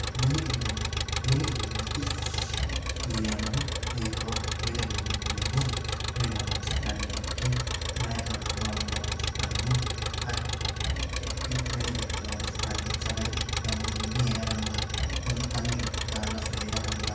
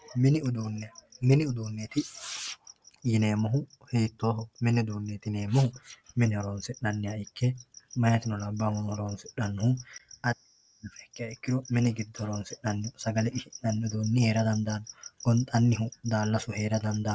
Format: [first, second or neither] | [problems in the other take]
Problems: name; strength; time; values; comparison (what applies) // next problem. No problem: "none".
second | background sound (Engine); 4 dB above the speech // room echo; dies away in 0.5 s